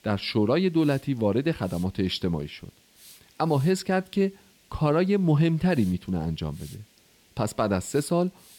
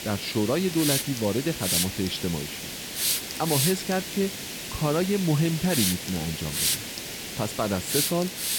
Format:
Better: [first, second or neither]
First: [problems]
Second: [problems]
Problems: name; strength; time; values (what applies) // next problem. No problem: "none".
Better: first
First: hiss; faint; throughout; 25 dB below the speech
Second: hiss; loud; throughout; 1 dB below the speech